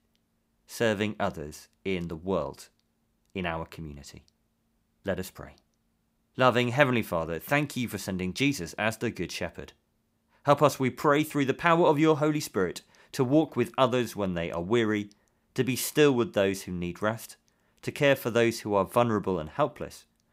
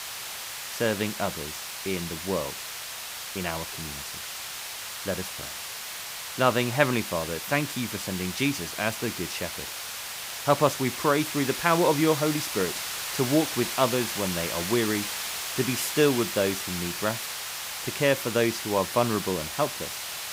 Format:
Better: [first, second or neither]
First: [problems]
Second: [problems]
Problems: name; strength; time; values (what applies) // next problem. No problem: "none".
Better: first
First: none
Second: hiss; loud; throughout; 5 dB below the speech